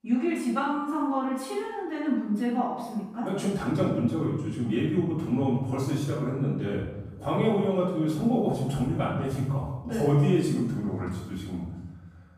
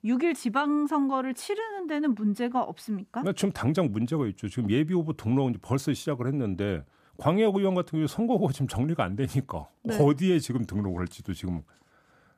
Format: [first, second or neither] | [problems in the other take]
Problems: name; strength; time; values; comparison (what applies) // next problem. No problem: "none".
second | off-mic speech; far // room echo; noticeable; dies away in 1 s